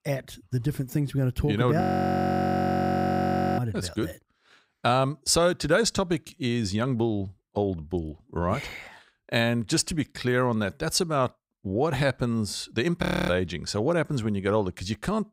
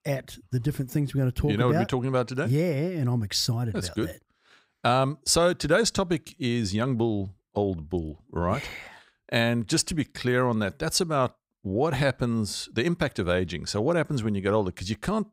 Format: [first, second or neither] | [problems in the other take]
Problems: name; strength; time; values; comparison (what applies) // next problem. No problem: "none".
second | audio freezing; at 2 s for 2 s and at 13 s